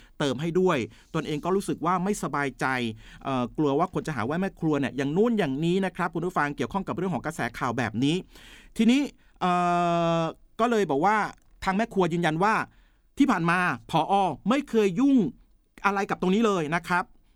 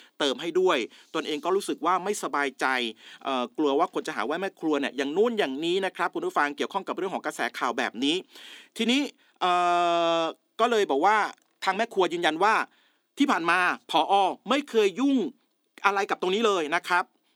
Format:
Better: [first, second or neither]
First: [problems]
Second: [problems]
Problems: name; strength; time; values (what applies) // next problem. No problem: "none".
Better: first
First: none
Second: thin; very slightly; fading below 300 Hz